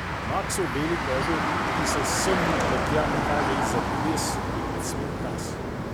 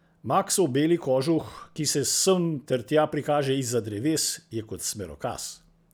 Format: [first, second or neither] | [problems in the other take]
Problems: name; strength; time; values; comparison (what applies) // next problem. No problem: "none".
second | background sound (Motor vehicle (road)); 5 dB above the speech